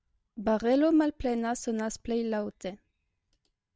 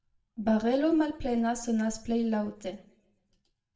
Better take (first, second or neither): first